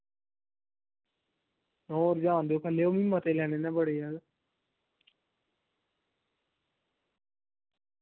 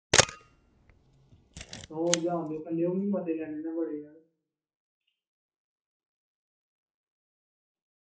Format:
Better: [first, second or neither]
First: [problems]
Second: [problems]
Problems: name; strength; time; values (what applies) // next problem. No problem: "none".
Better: first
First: none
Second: noise reduction (classical method WPE with log-MMSE)